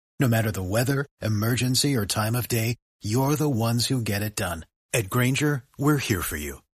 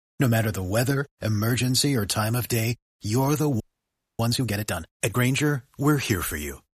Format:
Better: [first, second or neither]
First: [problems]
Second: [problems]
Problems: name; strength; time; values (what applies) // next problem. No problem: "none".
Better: first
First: none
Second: audio freezing; at 3.5 s for 0.5 s